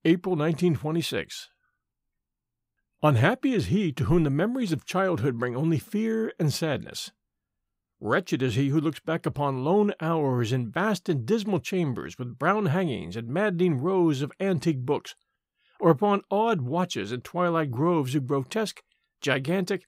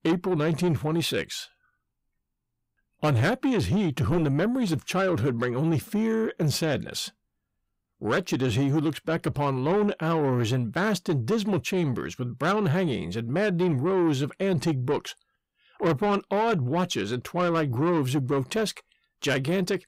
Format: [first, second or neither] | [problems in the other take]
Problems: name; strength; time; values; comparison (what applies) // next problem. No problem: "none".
first | distortion; slight; 10 dB below the speech